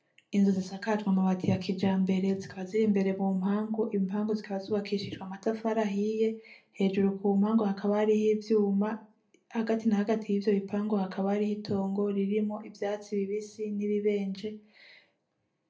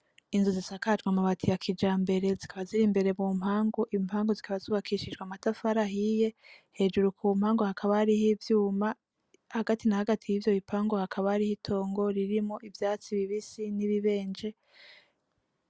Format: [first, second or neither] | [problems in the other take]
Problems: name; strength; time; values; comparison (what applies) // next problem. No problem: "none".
second | room echo; dies away in 0.3 s